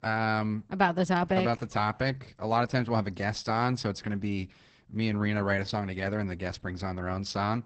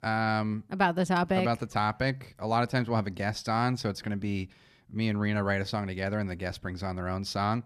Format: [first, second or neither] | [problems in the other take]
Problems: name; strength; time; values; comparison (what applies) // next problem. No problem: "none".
second | garbled, watery; badly; nothing above 8 kHz